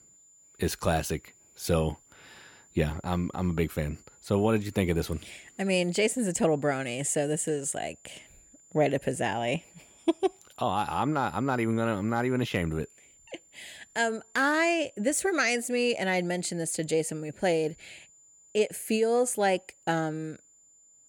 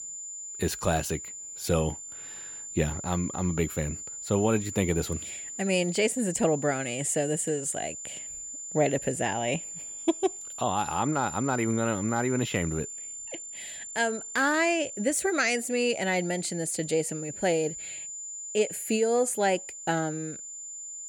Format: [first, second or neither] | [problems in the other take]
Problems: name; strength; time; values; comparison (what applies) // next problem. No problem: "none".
first | high-pitched whine; loud; throughout; 7 kHz, 8 dB below the speech; faint in the first